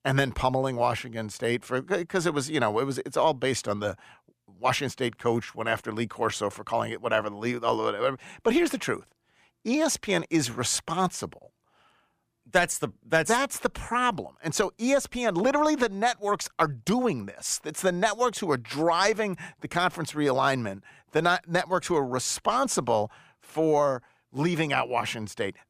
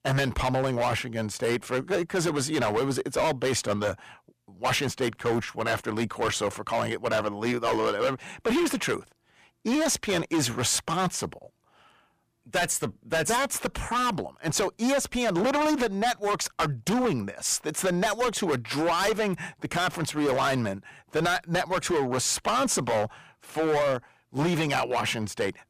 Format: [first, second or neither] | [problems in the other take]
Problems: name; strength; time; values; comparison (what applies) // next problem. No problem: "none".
first | distortion; heavy; 15% of the sound clipped